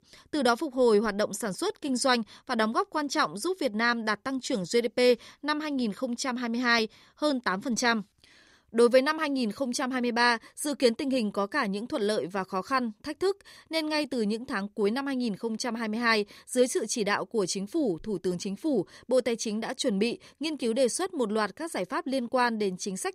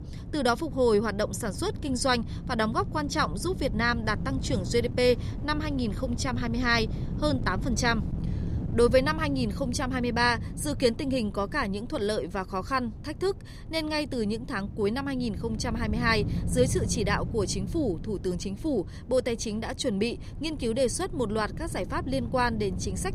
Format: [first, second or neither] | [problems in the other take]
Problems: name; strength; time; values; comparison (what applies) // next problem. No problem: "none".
first | wind noise on the microphone; occasional gusts; 15 dB below the speech